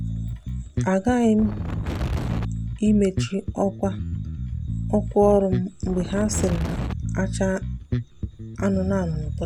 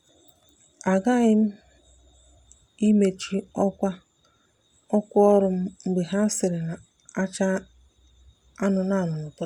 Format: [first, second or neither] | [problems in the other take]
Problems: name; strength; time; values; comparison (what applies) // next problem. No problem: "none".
second | background sound (Bass guitar + Wind); 3 dB below the speech